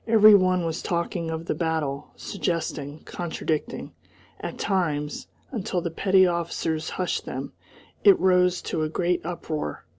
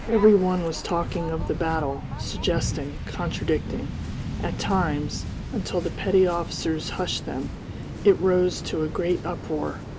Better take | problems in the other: first | background sound (Waves, surf); 7 dB below the speech

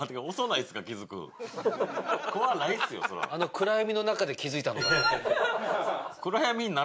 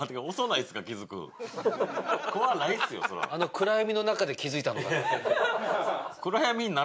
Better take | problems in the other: second | background sound (Wind instrument, woodwind instrument); as loud as the speech

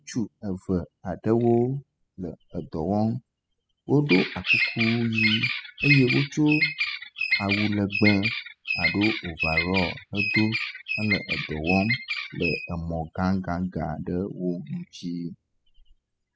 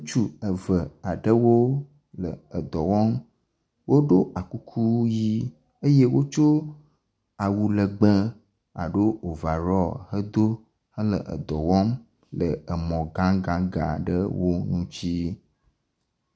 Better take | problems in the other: second | noise reduction (classical method spectral subtraction)

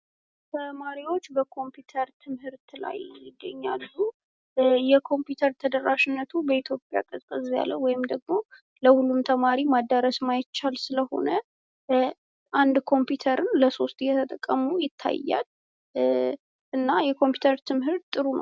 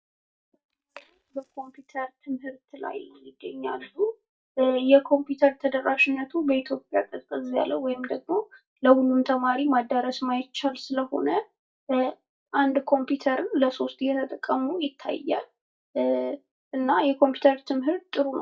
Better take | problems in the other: first | noise reduction (neural mask model DeepFilterNet 3)

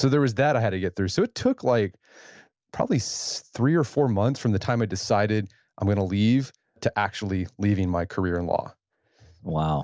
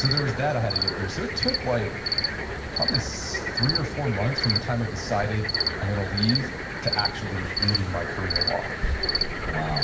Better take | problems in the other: first | background sound (Cricket); as loud as the speech // room echo; dies away in 1.5 s

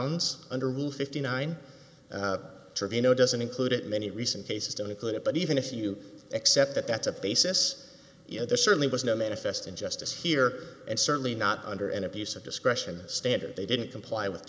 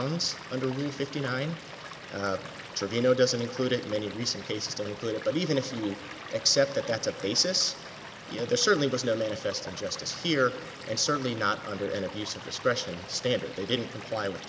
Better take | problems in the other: first | background sound (Stream / Liquid); 13 dB below the speech

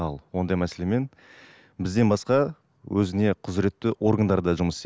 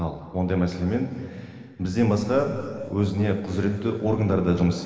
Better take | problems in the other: first | room echo; dies away in 2.5 s

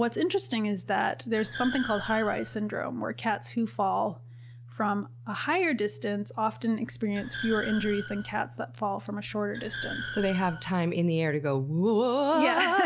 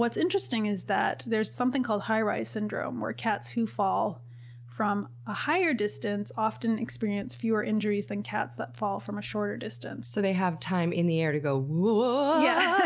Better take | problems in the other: second | background sound (Car); 12 dB below the speech

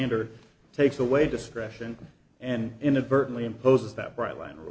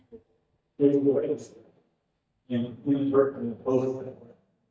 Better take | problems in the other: first | noise reduction (neural mask model DeepFilterNet 3)

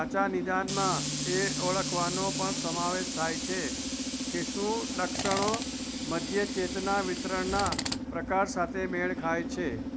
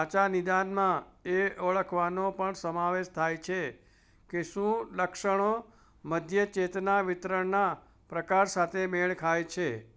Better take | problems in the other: second | background sound (Tools); 2 dB below the speech

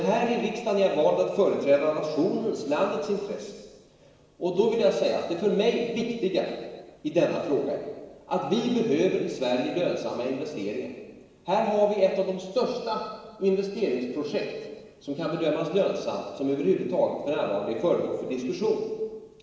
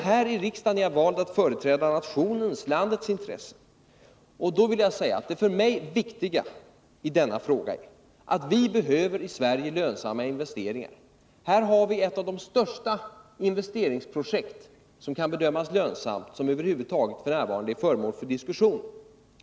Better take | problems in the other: second | room echo; dies away in 1.2 s

